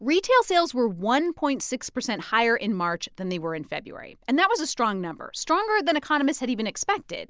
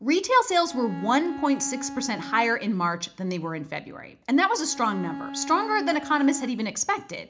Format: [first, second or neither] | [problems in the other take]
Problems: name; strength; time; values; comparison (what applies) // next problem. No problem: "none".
first | background sound (Bowed string instrument); 12 dB below the speech // room echo; dies away in 0.4 s